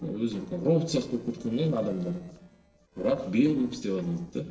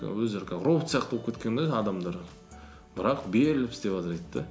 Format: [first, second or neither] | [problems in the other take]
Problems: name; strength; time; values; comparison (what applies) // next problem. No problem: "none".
second | noise reduction (neural separator model SepFormer DNS4)